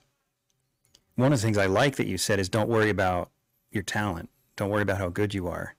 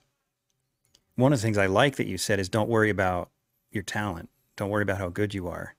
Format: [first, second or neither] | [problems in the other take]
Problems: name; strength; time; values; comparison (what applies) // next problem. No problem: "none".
second | distortion; slight; 10 dB below the speech